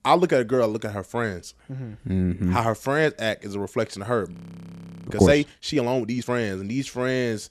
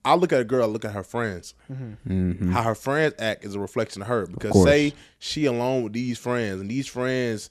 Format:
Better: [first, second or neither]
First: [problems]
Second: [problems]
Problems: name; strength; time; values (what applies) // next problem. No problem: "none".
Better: second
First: audio freezing; at 4.5 s for 0.5 s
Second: none